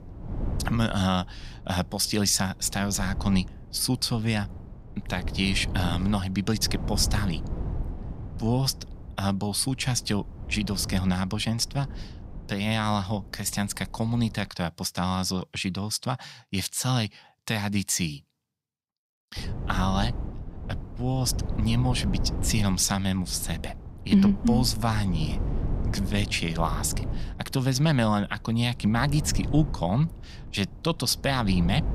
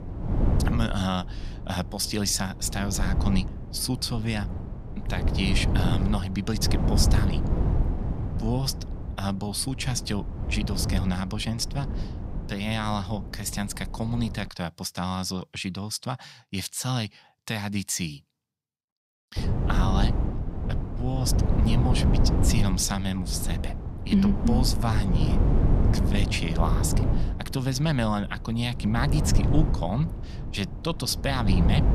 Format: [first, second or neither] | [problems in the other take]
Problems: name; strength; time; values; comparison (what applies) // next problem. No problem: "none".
first | wind noise on the microphone; heavy; until 14 s and from 19 s on; 6 dB below the speech; occasional gusts in the first